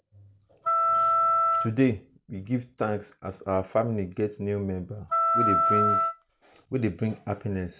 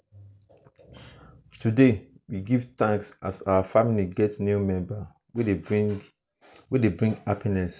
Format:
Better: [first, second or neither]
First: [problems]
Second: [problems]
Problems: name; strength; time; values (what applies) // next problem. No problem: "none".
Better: second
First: background sound (Wind instrument, woodwind instrument); 4 dB above the speech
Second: none